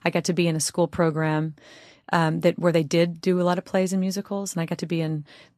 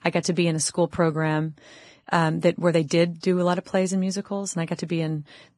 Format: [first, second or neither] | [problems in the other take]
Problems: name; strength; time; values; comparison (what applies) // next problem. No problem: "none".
first | garbled, watery; badly; slightly in the first